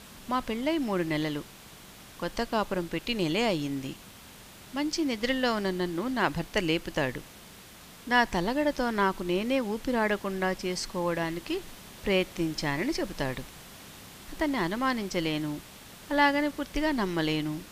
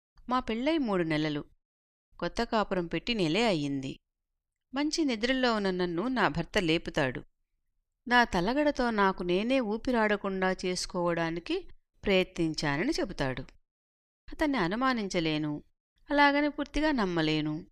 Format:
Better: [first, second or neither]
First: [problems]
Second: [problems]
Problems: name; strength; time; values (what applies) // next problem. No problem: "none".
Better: second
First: hiss; noticeable; throughout; 20 dB below the speech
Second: none